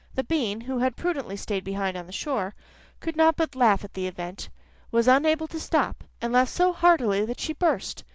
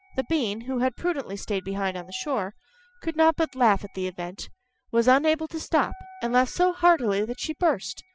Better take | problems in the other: first | noise reduction (classical method spectral subtraction)

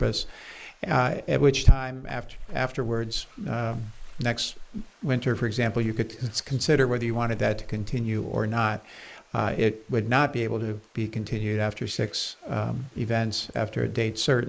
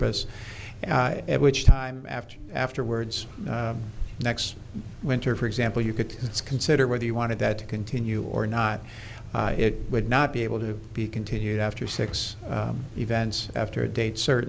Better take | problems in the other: second | noise reduction (neural mask model Resemble Enhance denoiser)

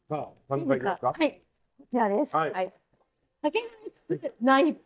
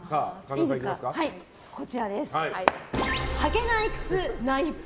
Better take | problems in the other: second | noise reduction (neural mask model DeepFilterNet 3)

